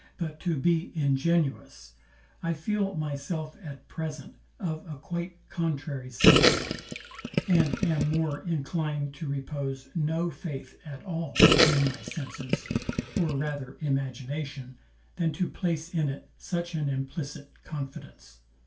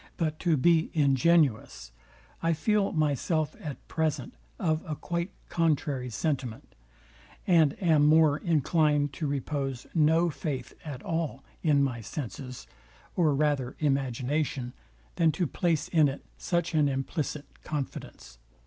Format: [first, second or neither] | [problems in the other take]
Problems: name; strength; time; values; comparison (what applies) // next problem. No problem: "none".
second | background sound (Gurgling); 4 dB above the speech // room echo; dies away in 0.2 s